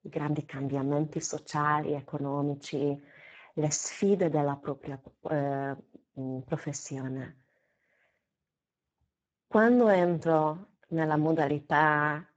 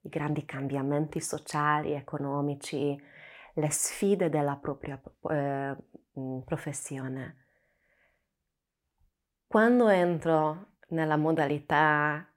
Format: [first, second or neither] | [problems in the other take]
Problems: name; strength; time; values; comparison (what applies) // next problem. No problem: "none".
second | garbled, watery; badly